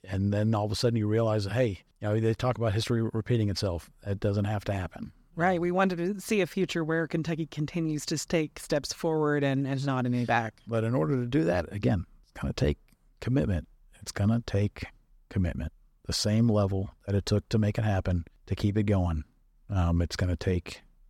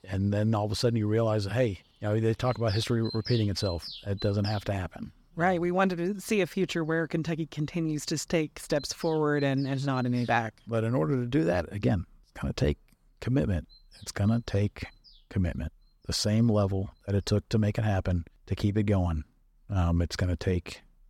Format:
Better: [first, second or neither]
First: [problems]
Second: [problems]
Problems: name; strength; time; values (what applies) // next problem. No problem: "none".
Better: first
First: none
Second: animal sounds; noticeable; throughout; 15 dB below the speech